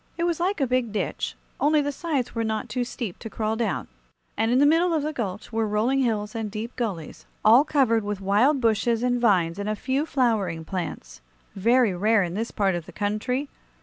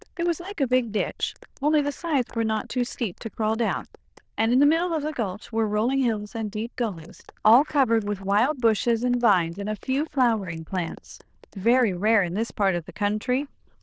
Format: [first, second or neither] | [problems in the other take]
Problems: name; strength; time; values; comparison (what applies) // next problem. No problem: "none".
first | noise reduction (neural diffusion model UNIVERSE++)